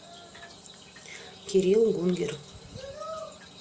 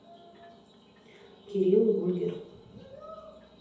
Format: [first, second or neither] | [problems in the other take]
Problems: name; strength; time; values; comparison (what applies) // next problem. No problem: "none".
first | room echo; dies away in 2 s